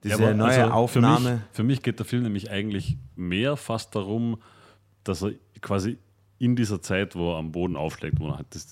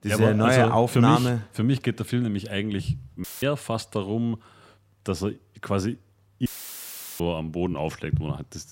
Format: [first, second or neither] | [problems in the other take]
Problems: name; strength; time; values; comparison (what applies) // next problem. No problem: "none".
first | audio cutting out; filled with static; at 3 s and at 6.5 s for 0.5 s